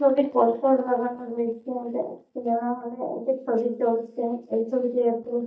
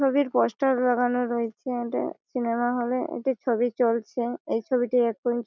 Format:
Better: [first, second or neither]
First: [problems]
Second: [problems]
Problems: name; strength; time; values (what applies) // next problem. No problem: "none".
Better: second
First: noise reduction (neural mask model DeepFilterNet 3)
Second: none